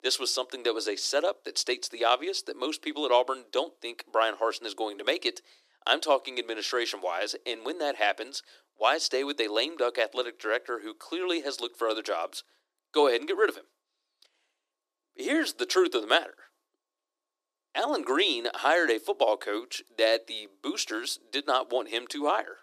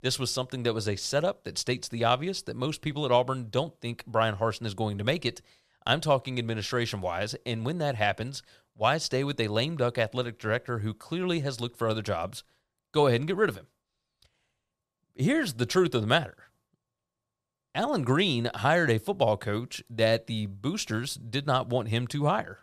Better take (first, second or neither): second